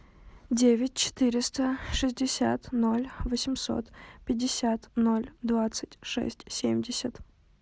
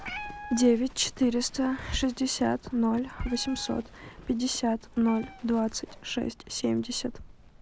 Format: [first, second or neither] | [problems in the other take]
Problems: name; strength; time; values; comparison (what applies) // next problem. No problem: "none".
first | background sound (Meow + Livestock, farm animals, working animals); 16 dB below the speech